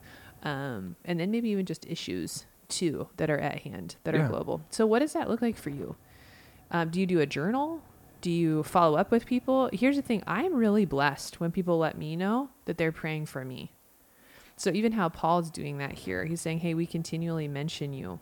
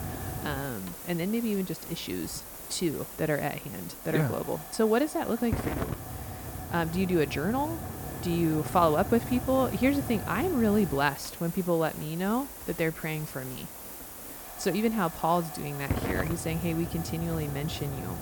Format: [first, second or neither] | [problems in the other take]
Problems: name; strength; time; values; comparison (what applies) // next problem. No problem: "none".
first | hiss; loud; throughout; 8 dB below the speech; faint in the first